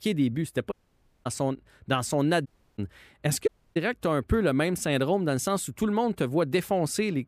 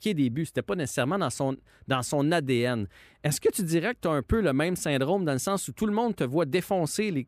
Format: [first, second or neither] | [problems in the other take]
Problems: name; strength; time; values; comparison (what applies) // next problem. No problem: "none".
second | audio cutting out; at 0.5 s for 0.5 s, at 2.5 s and at 3.5 s